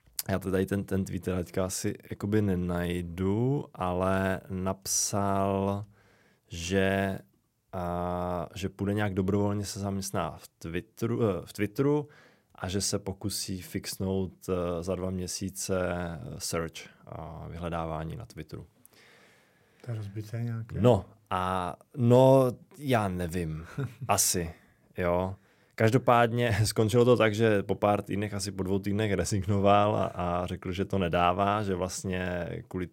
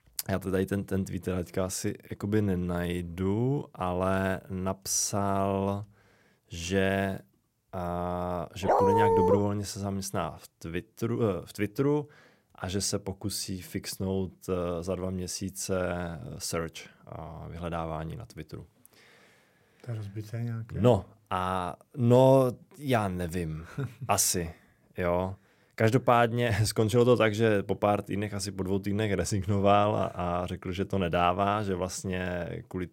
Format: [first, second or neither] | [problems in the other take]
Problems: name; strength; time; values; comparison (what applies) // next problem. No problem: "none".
first | dog barking; loud; at 8.5 s; peak 6 dB above the speech